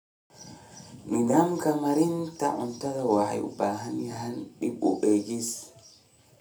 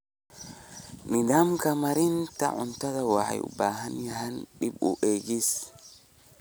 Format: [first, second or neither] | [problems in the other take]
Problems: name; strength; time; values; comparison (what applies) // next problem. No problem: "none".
second | room echo; dies away in 0.3 s